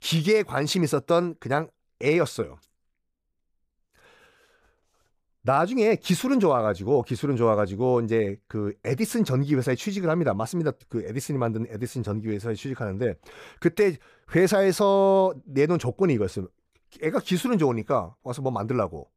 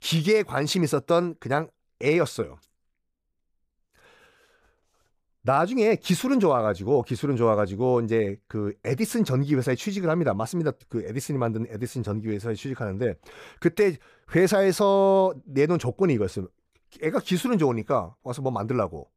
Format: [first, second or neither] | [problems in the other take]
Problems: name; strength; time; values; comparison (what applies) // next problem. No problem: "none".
neither | none